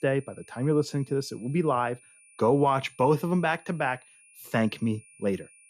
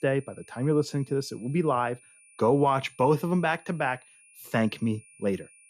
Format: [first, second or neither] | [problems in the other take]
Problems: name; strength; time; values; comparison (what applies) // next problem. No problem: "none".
neither | high-pitched whine; faint; throughout; 9.5 kHz, 25 dB below the speech; the same in both